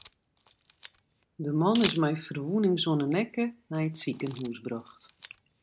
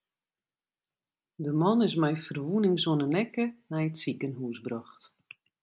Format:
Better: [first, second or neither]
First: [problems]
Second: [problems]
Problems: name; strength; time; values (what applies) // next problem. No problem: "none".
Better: second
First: background sound (Camera); 16 dB below the speech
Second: none